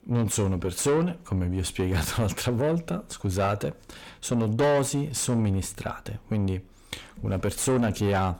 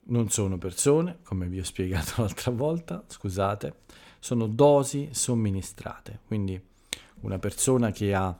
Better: second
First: distortion; heavy; 7 dB below the speech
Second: none

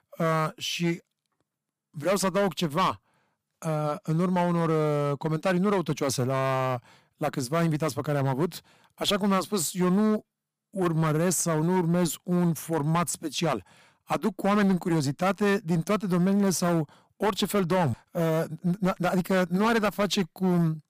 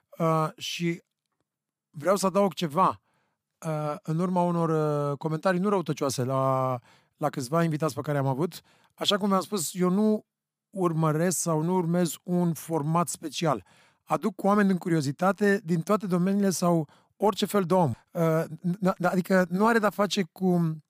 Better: second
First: distortion; slight; 12% of the sound clipped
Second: none

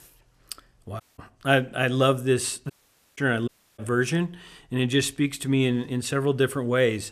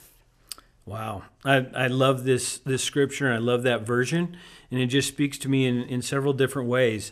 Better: second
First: audio cutting out; at 1 s, at 2.5 s and at 3.5 s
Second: none

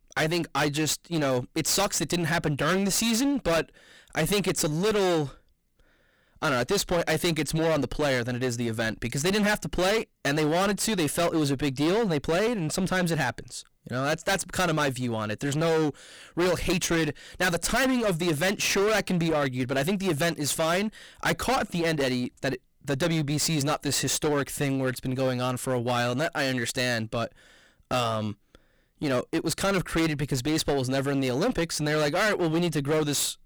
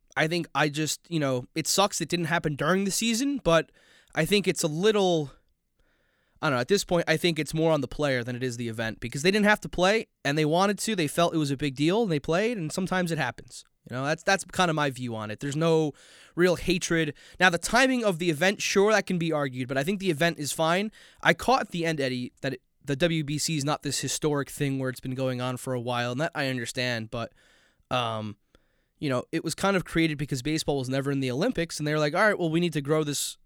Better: second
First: distortion; heavy; 21% of the sound clipped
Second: none

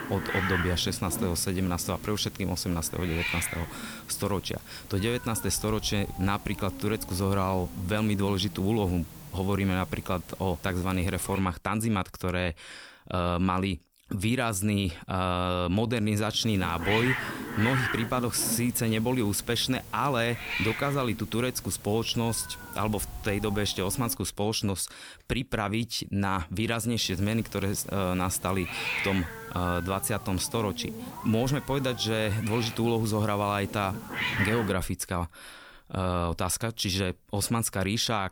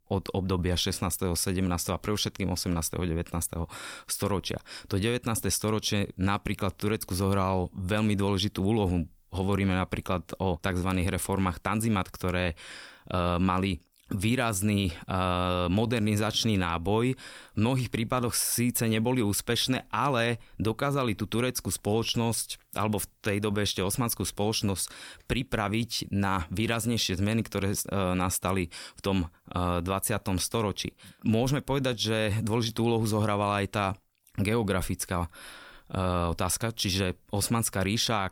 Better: second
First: hiss; loud; until 11 s, from 16 to 24 s and from 27 to 35 s; 8 dB below the speech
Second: none

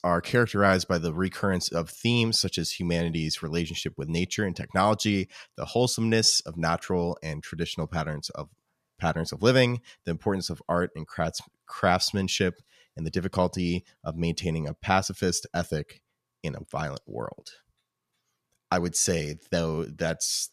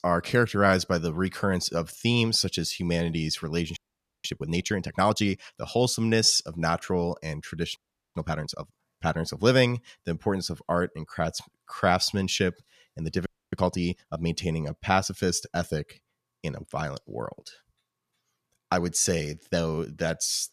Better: first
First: none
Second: audio freezing; at 4 s, at 8 s and at 13 s

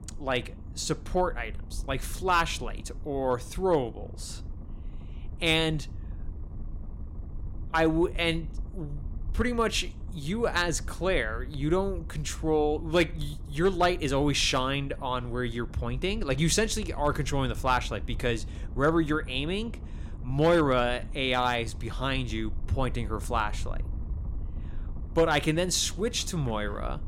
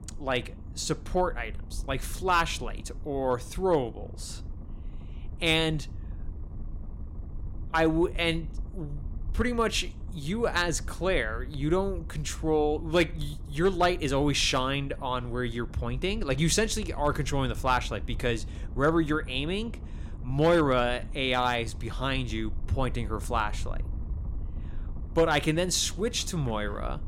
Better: neither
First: low rumble; faint; throughout; 25 dB below the speech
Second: low rumble; faint; throughout; 25 dB below the speech

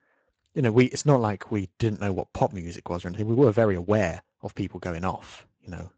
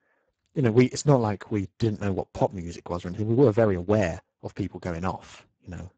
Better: first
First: garbled, watery; slightly; nothing above 7.5 kHz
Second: garbled, watery; badly; nothing above 7.5 kHz

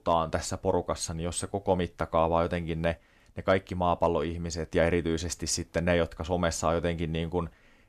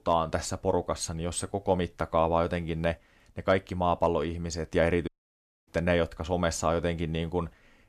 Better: first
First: none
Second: audio cutting out; at 5 s for 0.5 s

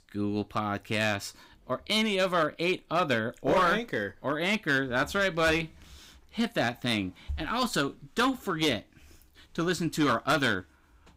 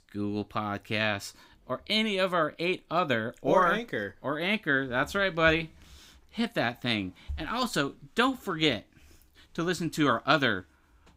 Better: second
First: distortion; slight; 4% of the sound clipped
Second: none

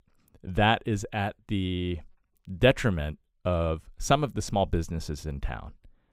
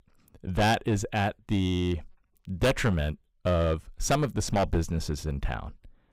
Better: first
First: none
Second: distortion; heavy; 6% of the sound clipped

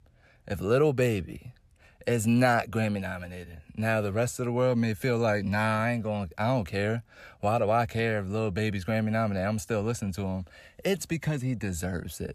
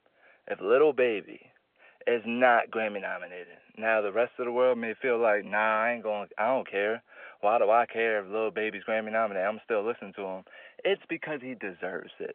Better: first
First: none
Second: phone-call audio

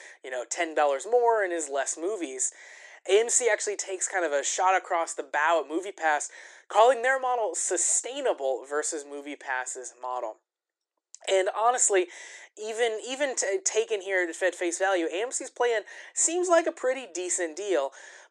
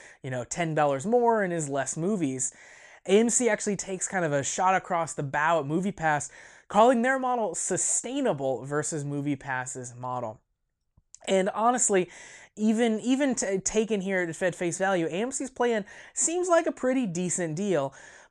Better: second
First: thin; very; fading below 350 Hz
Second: none

